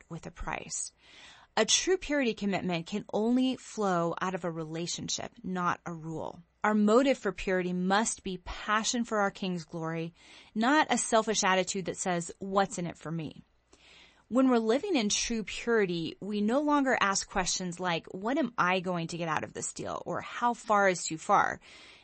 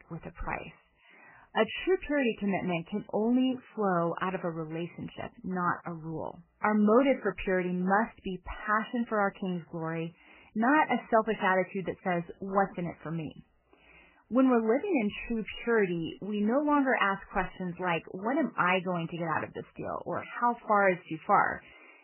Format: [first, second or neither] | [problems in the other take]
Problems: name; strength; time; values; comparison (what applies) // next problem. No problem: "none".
first | garbled, watery; badly; nothing above 3 kHz; slightly in the first